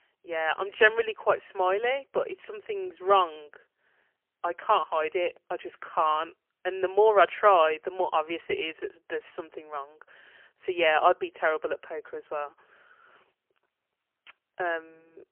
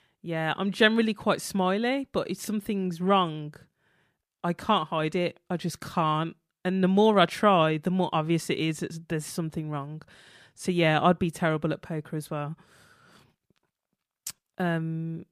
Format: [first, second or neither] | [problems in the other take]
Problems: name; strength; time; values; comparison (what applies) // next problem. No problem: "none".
second | phone-call audio; poor line; nothing above 3 kHz